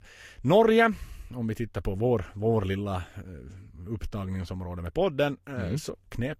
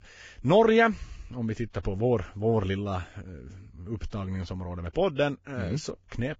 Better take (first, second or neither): first